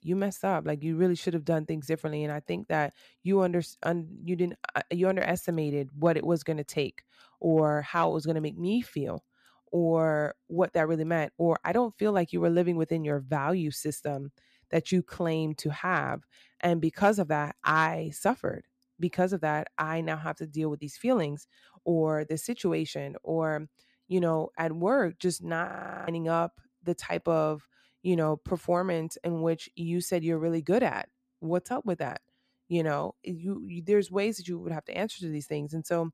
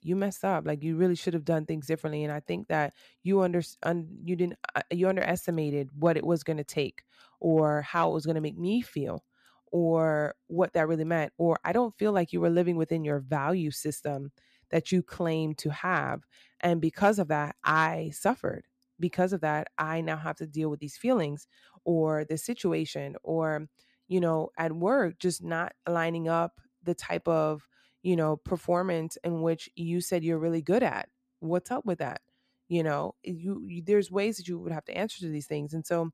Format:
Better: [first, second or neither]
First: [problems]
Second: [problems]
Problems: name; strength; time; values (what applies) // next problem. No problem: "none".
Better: second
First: audio freezing; at 26 s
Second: none